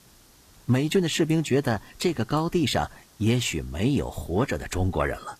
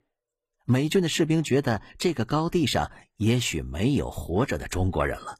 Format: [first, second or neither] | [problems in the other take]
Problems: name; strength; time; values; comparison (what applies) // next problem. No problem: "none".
second | hiss; faint; throughout; 25 dB below the speech